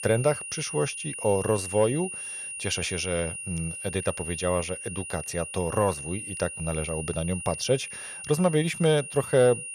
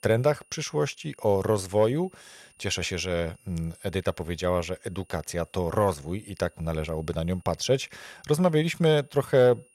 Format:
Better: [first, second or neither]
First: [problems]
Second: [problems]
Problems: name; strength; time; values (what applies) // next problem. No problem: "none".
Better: second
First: high-pitched whine; loud; throughout; 9.5 kHz, 7 dB below the speech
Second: high-pitched whine; faint; throughout; 9.5 kHz, 30 dB below the speech